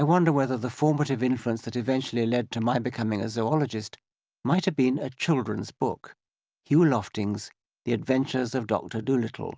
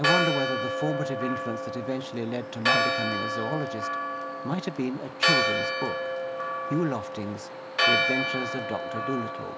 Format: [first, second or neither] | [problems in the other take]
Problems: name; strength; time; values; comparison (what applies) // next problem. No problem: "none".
first | background sound (Church bell); 4 dB above the speech